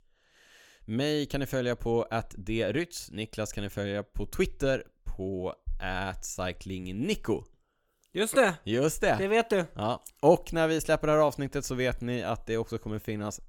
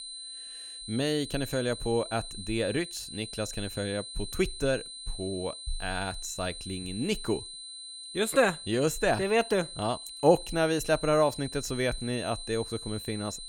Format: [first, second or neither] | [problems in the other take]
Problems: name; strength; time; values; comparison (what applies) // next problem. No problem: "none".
first | high-pitched whine; loud; throughout; 4 kHz, 10 dB below the speech